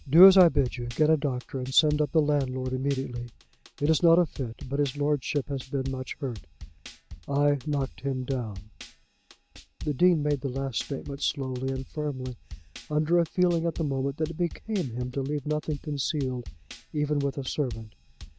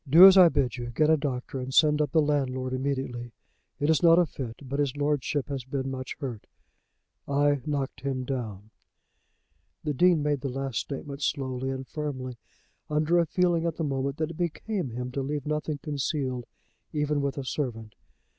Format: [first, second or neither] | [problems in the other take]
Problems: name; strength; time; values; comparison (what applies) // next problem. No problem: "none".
second | background sound (Drum kit); 16 dB below the speech